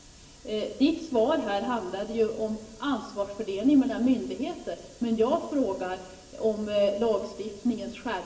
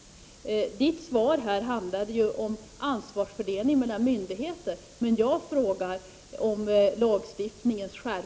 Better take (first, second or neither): second